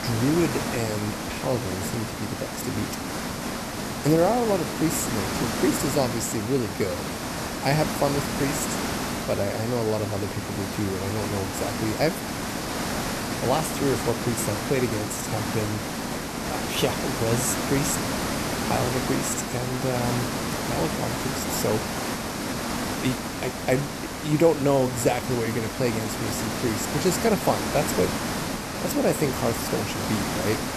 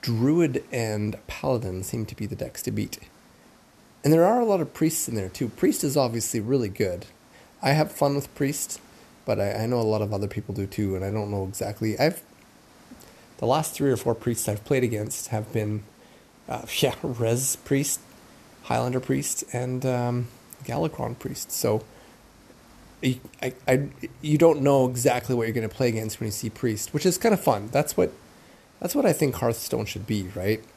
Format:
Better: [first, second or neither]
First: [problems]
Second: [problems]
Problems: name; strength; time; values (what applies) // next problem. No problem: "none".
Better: second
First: hiss; loud; throughout; 2 dB below the speech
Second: hiss; faint; throughout; 25 dB below the speech